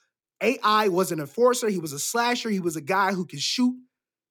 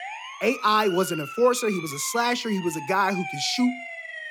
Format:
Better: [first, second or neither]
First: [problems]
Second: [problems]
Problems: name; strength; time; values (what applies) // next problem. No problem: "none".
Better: first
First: none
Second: siren; noticeable; peak 8 dB below the speech